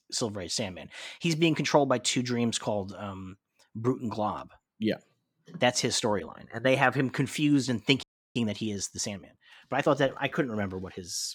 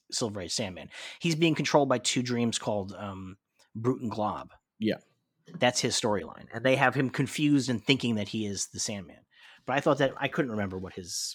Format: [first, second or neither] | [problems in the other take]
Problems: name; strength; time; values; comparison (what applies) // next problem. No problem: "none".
second | audio freezing; at 8 s